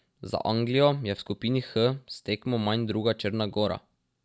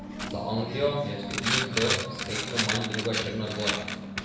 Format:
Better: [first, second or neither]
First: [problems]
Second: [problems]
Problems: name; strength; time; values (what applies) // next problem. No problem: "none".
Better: first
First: none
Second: background sound (Coin (dropping)); as loud as the speech // room echo; dies away in 0.8 s